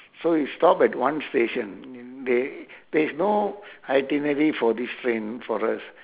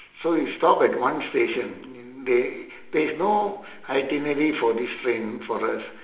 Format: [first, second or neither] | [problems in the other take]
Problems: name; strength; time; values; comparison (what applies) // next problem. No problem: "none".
first | room echo; dies away in 1 s